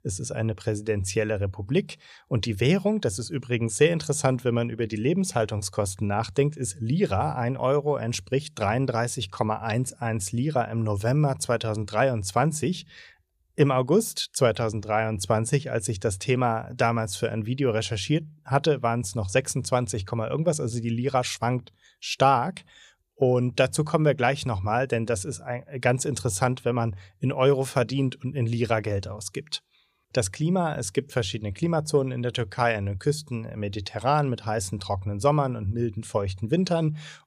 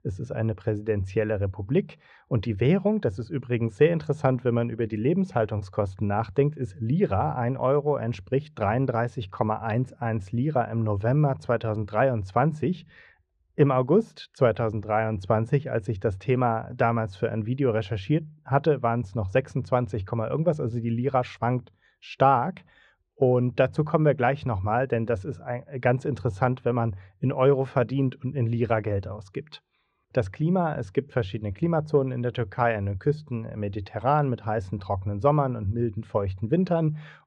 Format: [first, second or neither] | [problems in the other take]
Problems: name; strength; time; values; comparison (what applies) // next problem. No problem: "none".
first | muffled; very; fading above 2 kHz